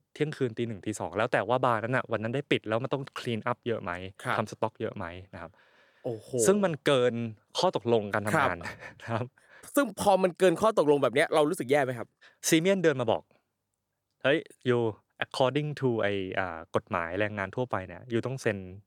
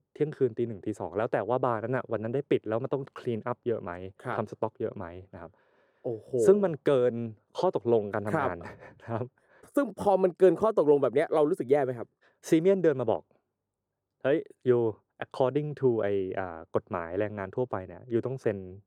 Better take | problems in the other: first | muffled; slightly; fading above 1.5 kHz

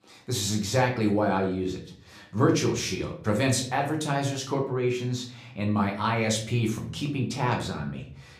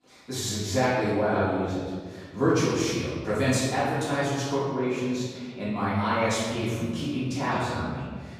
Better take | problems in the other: first | room echo; strong; dies away in 1.7 s; slight in the first // off-mic speech; far; somewhat distant in the first

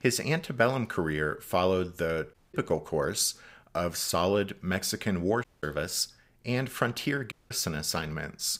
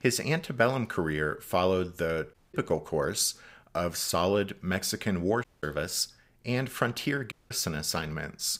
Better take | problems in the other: neither | audio cutting out; at 2.5 s, at 5.5 s and at 7.5 s; the same in both

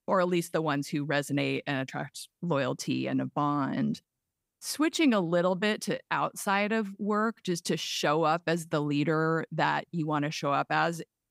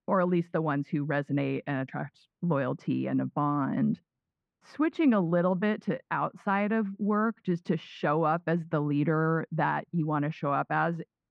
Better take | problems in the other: first | muffled; very; fading above 1.5 kHz

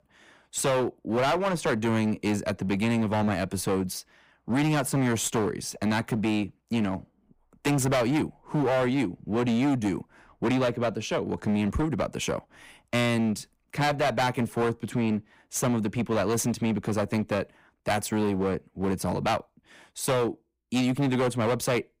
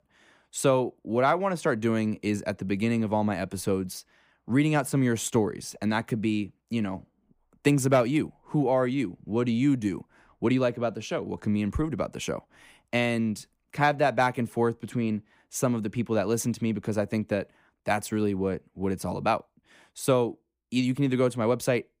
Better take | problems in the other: second | distortion; heavy; 18% of the sound clipped

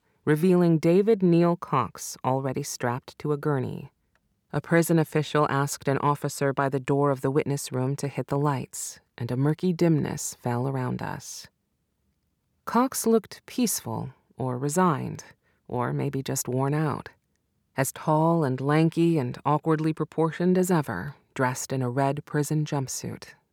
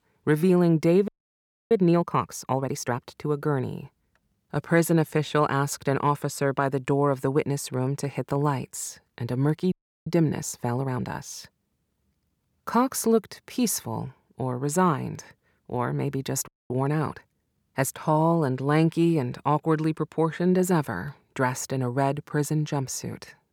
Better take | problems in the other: first | audio freezing; at 1 s for 0.5 s, at 9.5 s and at 16 s

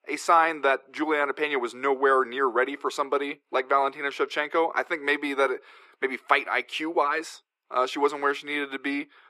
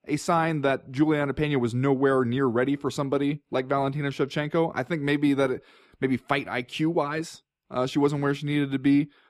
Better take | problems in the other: second | thin; very; fading below 400 Hz

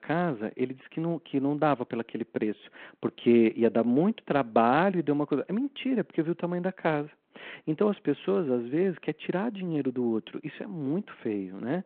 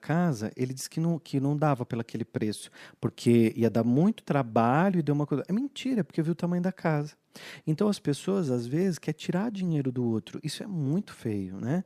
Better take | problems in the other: second | phone-call audio

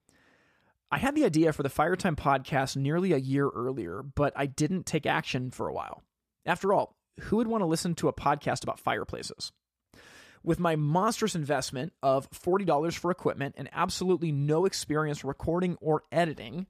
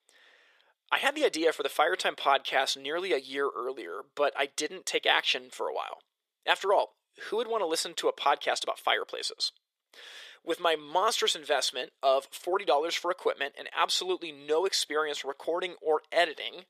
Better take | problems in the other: first | thin; very; fading below 450 Hz

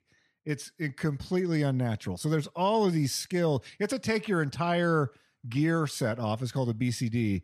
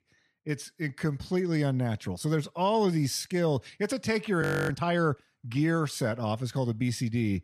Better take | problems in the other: first | audio freezing; at 4.5 s

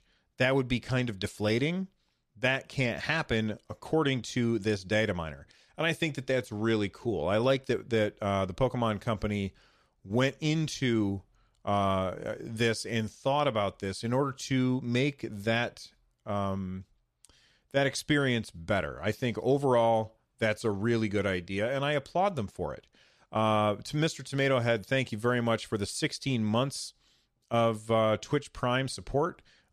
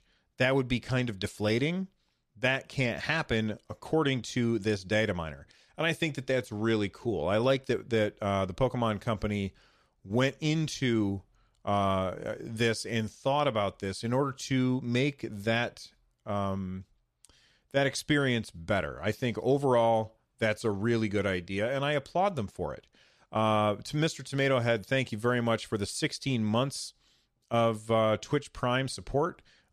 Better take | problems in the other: neither | none

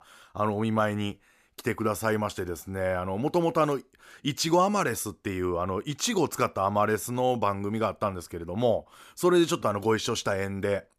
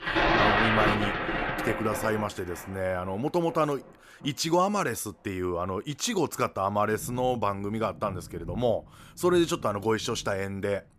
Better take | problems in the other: first | rain or running water; very loud; throughout; 1 dB above the speech

